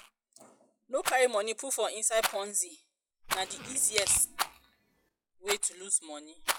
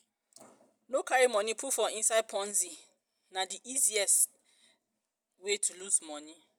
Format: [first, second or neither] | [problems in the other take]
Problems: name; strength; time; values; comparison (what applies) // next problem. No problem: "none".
second | noise reduction (classical method log-MMSE)